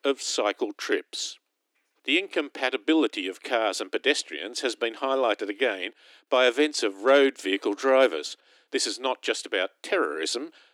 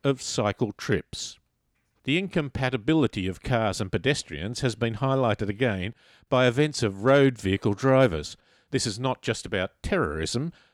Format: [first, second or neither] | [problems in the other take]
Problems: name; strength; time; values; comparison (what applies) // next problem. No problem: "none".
second | thin; somewhat; fading below 300 Hz